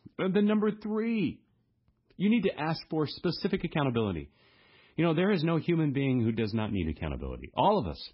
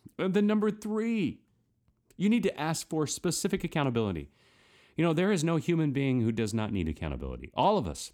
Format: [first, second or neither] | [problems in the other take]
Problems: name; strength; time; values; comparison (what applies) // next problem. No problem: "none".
second | garbled, watery; badly; nothing above 5.5 kHz